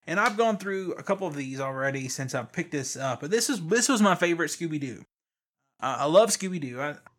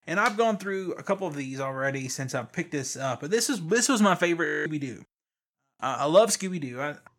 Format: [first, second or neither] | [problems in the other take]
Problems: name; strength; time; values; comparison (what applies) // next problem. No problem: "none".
first | audio freezing; at 4.5 s